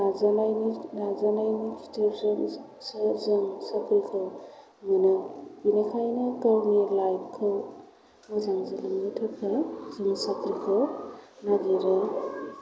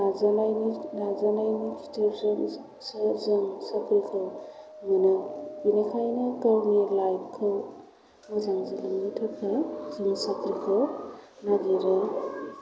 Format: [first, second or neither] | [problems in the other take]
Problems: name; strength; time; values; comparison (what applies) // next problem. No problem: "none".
first | background sound (Wind); 18 dB below the speech